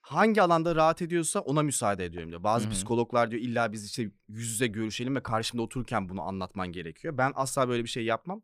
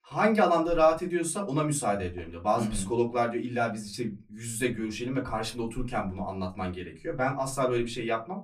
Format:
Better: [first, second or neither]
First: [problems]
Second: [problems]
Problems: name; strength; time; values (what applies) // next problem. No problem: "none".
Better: first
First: none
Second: off-mic speech; far // room echo; very slight; dies away in 0.2 s